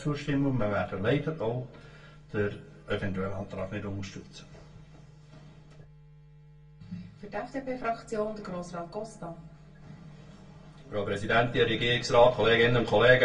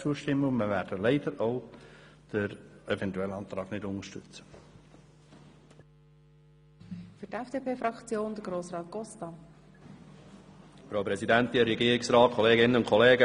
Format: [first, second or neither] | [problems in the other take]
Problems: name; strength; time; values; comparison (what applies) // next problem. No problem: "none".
second | room echo; dies away in 0.2 s